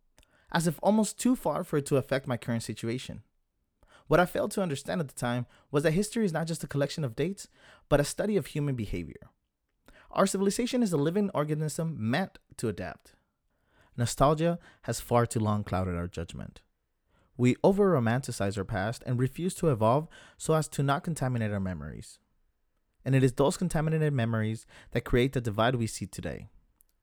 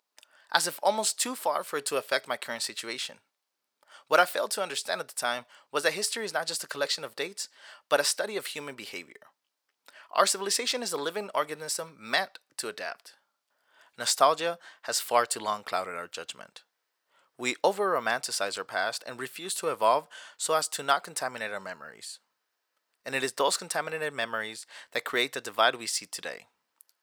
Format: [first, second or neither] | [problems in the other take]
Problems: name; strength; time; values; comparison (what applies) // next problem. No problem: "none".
first | thin; very; fading below 750 Hz